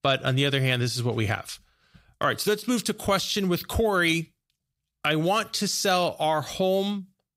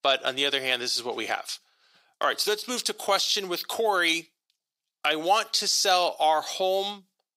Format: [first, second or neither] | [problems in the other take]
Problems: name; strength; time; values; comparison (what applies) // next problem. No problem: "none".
first | thin; very; fading below 350 Hz